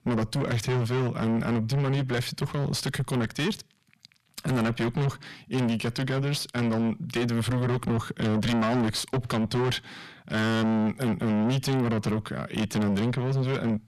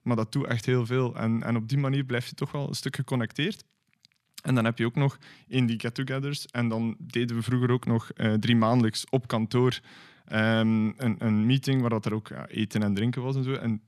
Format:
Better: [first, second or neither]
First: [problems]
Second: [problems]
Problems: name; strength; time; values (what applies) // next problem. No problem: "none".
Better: second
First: distortion; heavy; 5 dB below the speech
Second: none